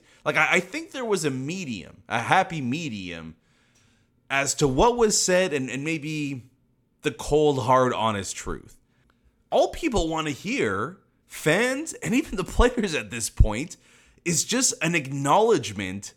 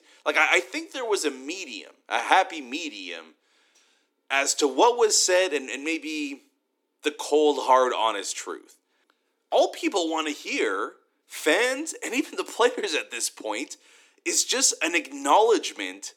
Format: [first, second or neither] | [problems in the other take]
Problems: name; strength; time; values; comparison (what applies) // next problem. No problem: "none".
first | thin; somewhat; fading below 300 Hz